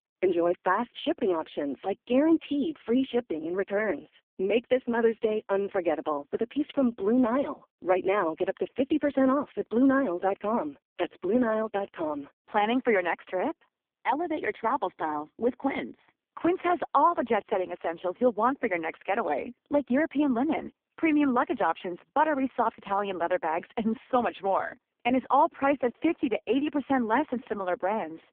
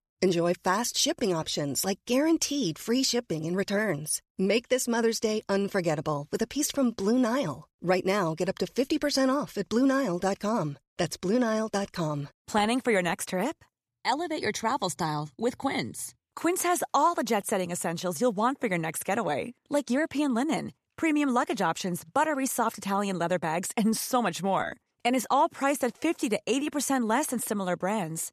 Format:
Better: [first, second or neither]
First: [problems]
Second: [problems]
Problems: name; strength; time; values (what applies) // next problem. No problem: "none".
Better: second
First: phone-call audio; poor line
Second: none